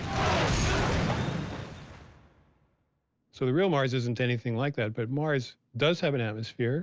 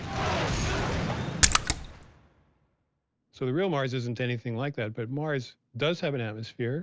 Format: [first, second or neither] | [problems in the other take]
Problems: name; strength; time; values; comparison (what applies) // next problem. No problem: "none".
first | background sound (Splash, splatter); 5 dB above the speech